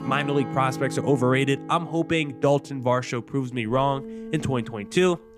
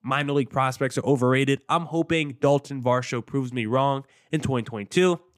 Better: second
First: background music; noticeable; throughout; 10 dB below the speech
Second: none

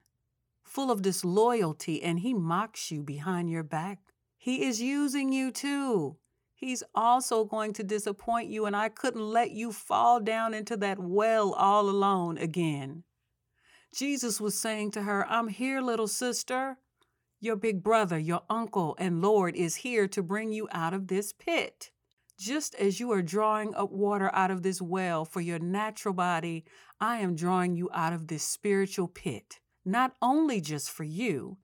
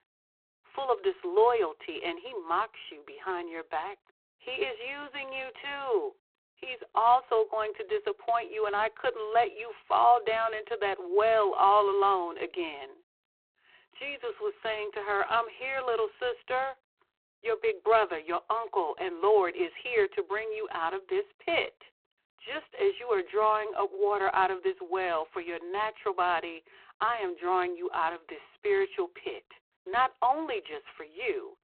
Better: first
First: none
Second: phone-call audio; poor line

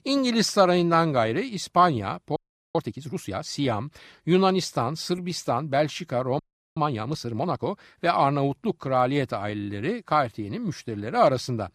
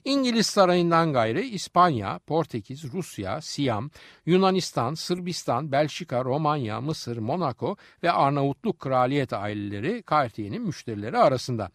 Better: second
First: audio freezing; at 2.5 s and at 6.5 s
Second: none

